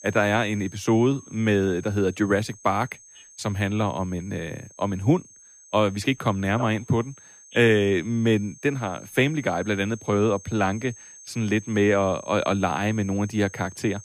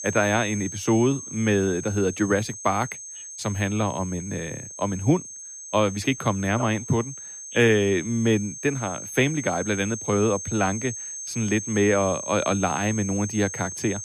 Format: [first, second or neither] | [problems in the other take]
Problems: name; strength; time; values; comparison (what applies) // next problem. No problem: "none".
first | high-pitched whine; loud; throughout; 6.5 kHz, 9 dB below the speech; faint in the first